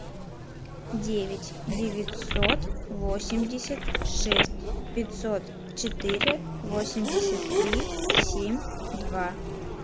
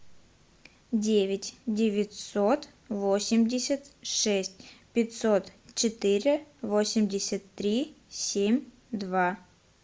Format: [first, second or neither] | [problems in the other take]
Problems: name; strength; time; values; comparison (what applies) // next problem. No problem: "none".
second | background sound (Telephone + Race car, auto racing / Accelerating, revving, vroom); 3 dB above the speech